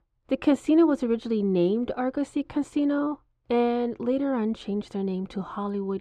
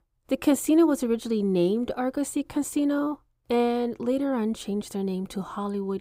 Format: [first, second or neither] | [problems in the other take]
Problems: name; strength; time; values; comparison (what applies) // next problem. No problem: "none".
second | muffled; slightly; fading above 3.5 kHz